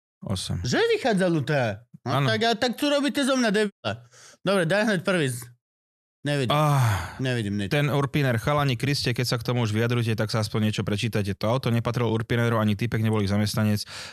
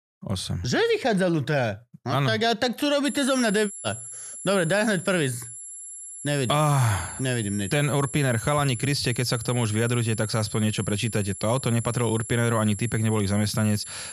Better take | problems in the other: first | high-pitched whine; noticeable; from 3 s on; 11 kHz, 10 dB below the speech

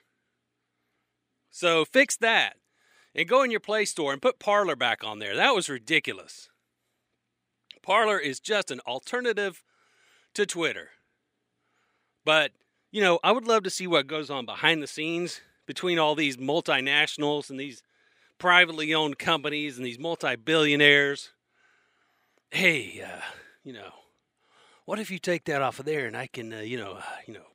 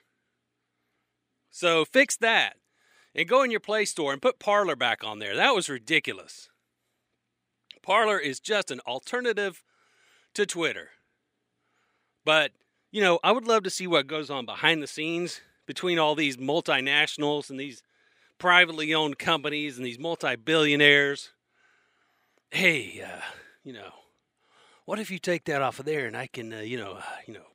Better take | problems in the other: neither | thin; very slightly; fading below 250 Hz; the same in both

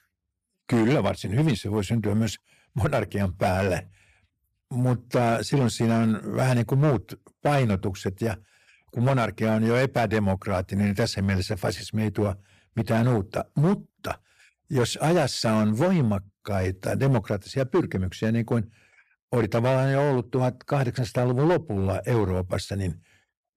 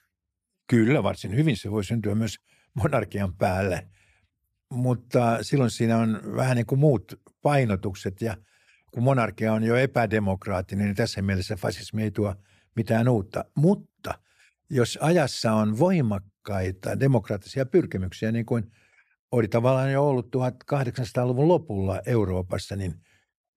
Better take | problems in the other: second | distortion; slight; 7% of the sound clipped

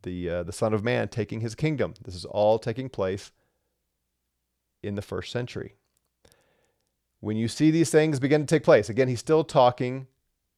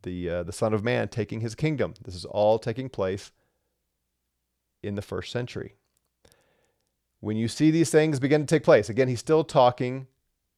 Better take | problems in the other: neither | none

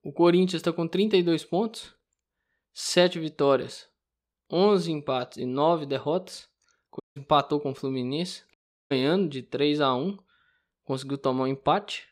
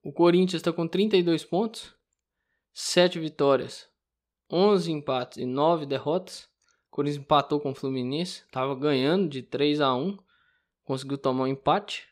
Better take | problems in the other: second | audio cutting out; at 7 s and at 8.5 s

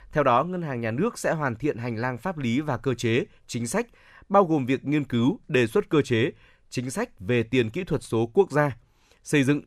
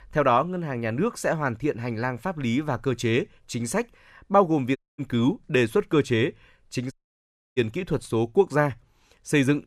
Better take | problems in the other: first | audio cutting out; at 5 s and at 7 s for 0.5 s

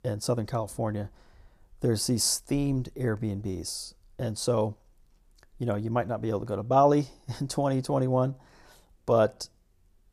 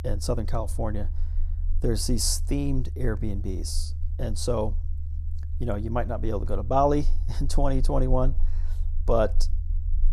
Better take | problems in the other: first | low rumble; faint; throughout; 25 dB below the speech

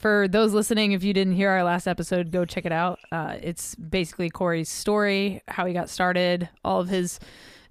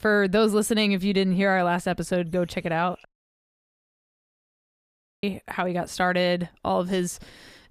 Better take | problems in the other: first | audio cutting out; at 3 s for 2 s

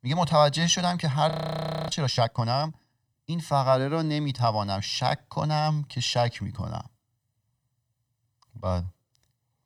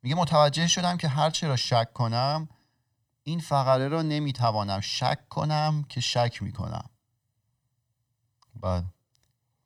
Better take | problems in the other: second | audio freezing; at 1.5 s for 0.5 s

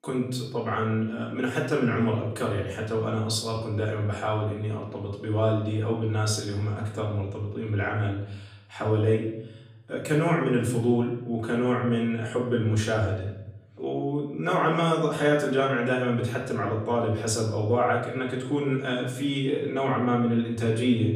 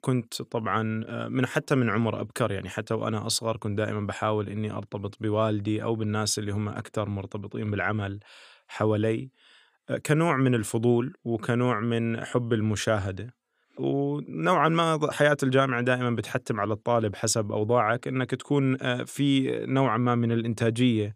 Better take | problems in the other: second | off-mic speech; far // room echo; noticeable; dies away in 0.8 s

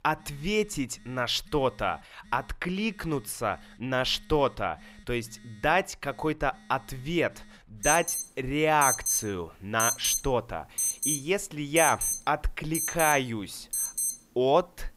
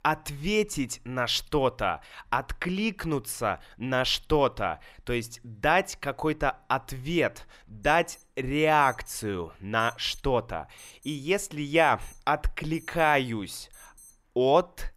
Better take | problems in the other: second | alarms or sirens; loud; throughout; as loud as the speech; faint in the second

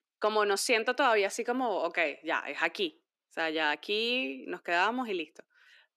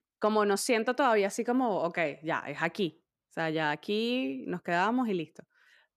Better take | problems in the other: second | thin; very slightly; fading below 300 Hz

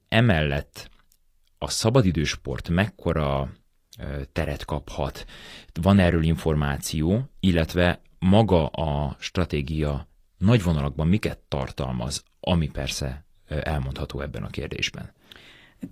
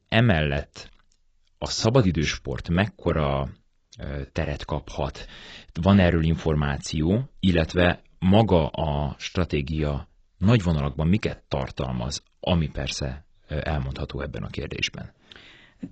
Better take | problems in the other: first | garbled, watery; badly; nothing above 7.5 kHz; slightly in the first

